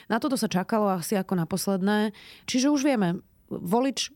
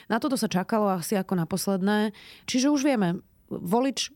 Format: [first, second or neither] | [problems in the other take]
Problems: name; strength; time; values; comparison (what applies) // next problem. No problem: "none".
neither | none